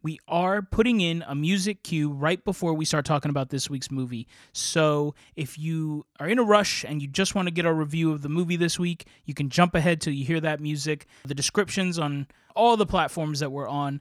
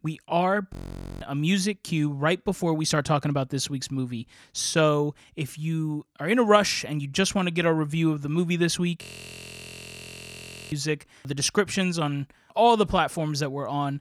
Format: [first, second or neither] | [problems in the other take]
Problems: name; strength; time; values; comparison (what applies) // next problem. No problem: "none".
first | audio freezing; at 0.5 s and at 9 s for 1.5 s